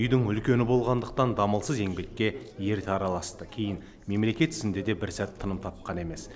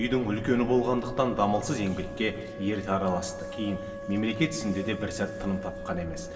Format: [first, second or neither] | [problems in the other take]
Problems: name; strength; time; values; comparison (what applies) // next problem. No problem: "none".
first | background sound (Wind instrument, woodwind instrument); 12 dB below the speech // room echo; dies away in 2.4 s